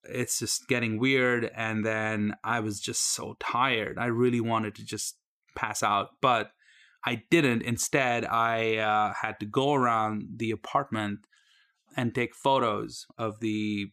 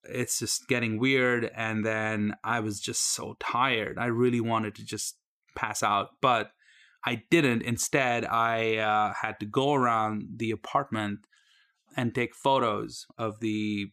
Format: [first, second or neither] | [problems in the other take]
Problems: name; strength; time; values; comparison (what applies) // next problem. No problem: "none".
neither | none